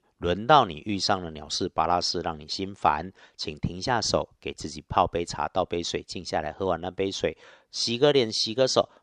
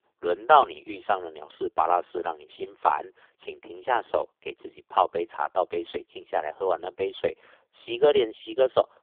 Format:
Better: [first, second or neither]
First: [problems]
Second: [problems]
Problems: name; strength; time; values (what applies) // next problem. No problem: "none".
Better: first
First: none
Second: phone-call audio; poor line; nothing above 3.5 kHz